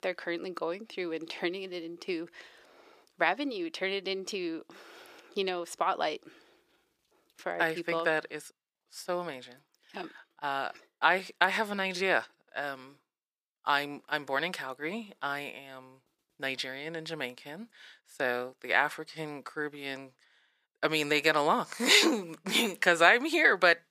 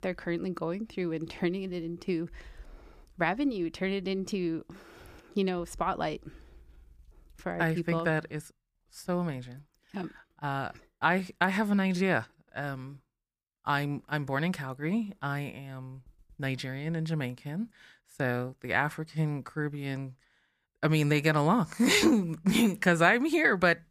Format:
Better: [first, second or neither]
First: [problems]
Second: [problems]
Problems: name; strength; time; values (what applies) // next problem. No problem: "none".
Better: second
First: thin; somewhat; fading below 450 Hz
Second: none